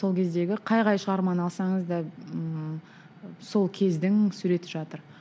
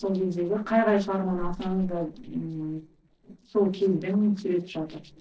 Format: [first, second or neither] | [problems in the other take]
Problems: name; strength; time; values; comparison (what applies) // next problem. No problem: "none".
first | noise reduction (neural separator model SepFormer DNS4)